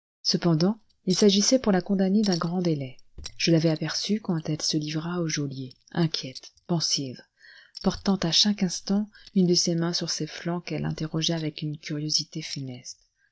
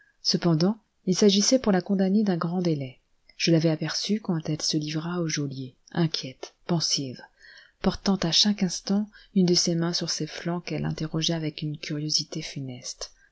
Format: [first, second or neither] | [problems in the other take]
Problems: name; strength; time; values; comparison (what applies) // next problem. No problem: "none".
second | noise reduction (neural mask model DeepFilterNet 3)